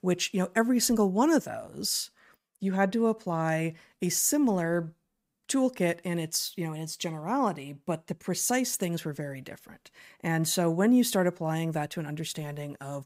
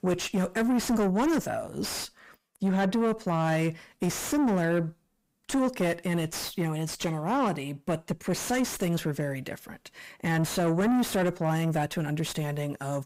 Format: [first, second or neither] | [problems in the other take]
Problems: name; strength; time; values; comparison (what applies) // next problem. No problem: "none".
first | distortion; heavy; 5 dB below the speech